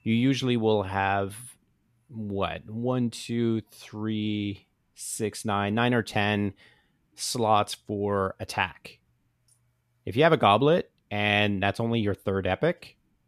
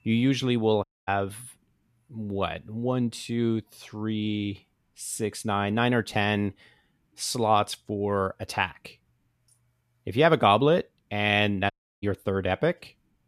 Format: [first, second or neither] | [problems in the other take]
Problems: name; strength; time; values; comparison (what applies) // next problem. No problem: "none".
first | audio cutting out; at 1 s and at 12 s